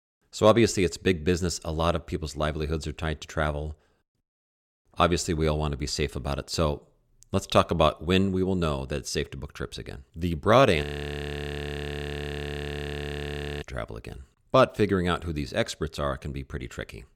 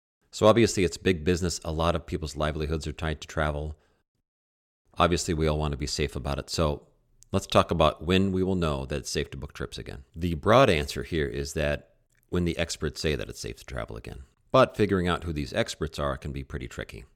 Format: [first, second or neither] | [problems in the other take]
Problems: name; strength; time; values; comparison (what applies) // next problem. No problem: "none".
second | audio freezing; at 11 s for 3 s